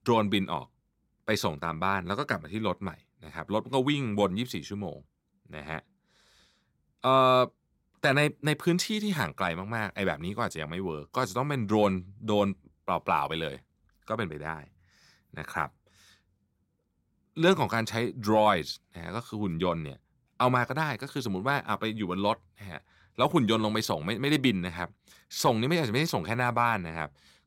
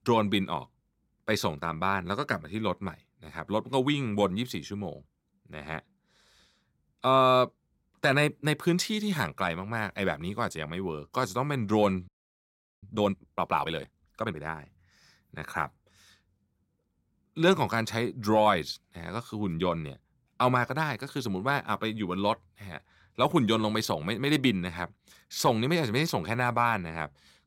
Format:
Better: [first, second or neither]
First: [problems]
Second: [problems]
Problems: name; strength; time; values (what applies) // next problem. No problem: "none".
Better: first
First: none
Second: audio freezing; at 12 s for 1 s